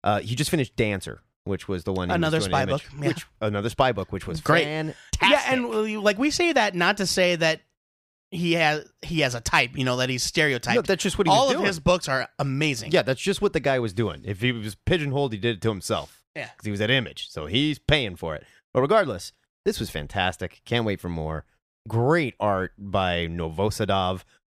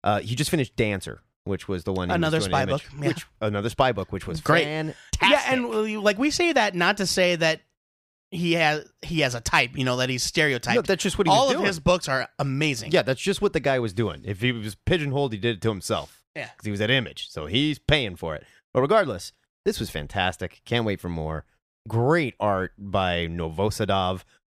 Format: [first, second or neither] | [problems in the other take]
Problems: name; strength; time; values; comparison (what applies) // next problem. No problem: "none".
neither | none